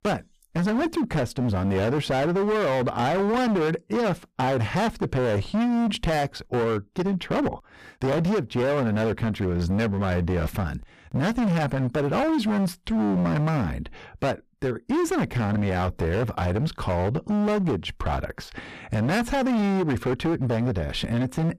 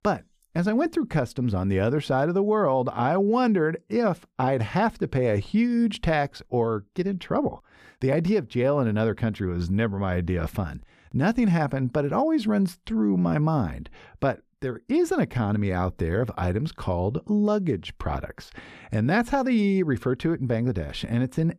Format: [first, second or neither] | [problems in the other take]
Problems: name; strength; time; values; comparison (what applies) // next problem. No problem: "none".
second | distortion; heavy; 28% of the sound clipped